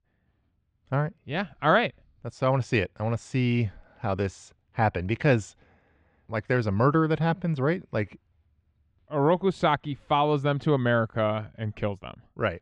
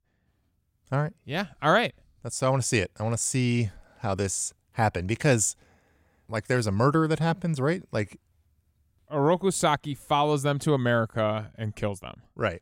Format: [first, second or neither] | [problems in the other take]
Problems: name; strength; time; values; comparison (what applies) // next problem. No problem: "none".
second | muffled; very; fading above 3.5 kHz